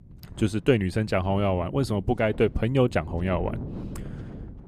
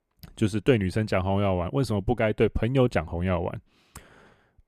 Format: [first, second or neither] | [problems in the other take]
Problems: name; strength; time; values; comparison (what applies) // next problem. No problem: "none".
second | wind noise on the microphone; occasional gusts; 20 dB below the speech